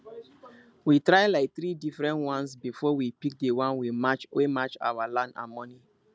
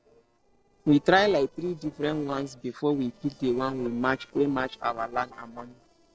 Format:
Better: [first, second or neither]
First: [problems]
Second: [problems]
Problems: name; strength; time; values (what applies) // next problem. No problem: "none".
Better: first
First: none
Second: noise reduction (neural separator model SepFormer DNS4)